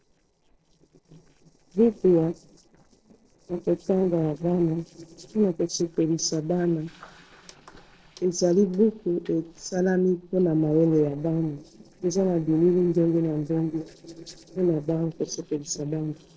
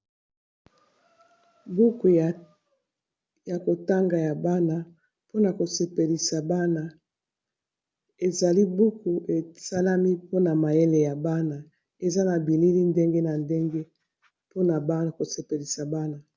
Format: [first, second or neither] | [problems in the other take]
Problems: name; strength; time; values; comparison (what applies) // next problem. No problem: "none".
second | noise reduction (neural separator model SepFormer DNS4)